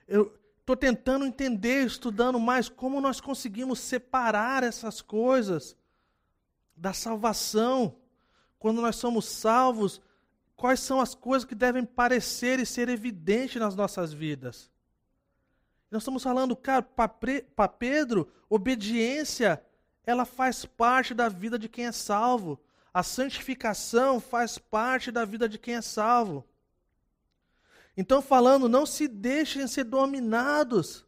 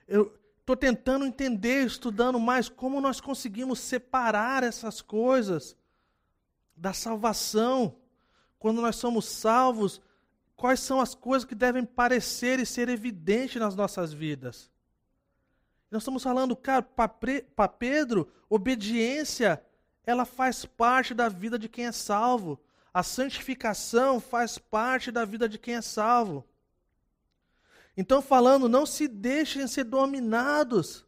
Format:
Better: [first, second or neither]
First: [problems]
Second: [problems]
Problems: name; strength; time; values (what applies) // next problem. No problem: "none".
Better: neither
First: none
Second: none